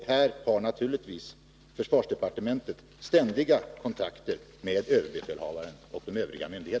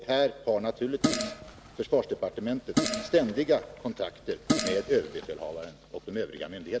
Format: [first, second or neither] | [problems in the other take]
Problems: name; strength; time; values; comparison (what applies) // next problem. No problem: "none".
first | background sound (Fart); 4 dB below the speech